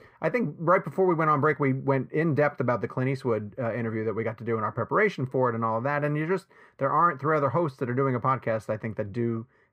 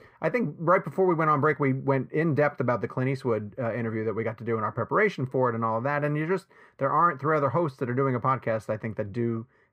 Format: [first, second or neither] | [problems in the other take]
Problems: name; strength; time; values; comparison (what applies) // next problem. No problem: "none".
neither | muffled; very; fading above 3.5 kHz; the same in both